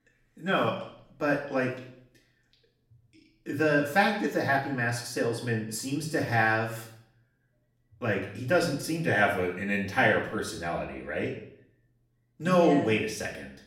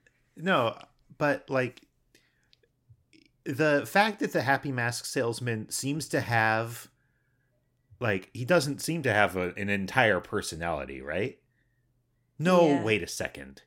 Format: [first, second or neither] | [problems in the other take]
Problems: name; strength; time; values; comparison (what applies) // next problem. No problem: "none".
second | room echo; slight; dies away in 0.6 s // off-mic speech; far